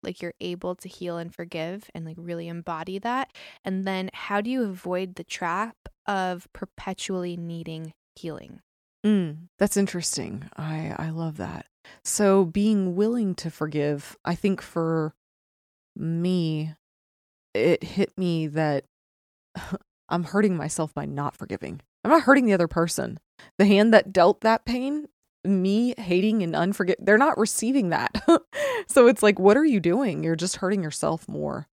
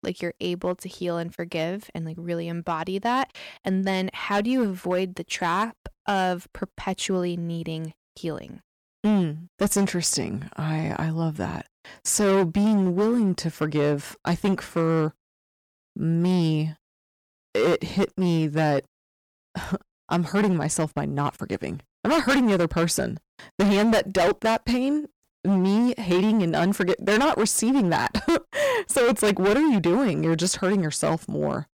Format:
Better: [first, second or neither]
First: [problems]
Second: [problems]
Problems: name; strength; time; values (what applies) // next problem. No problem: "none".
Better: first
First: none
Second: distortion; heavy; 11% of the sound clipped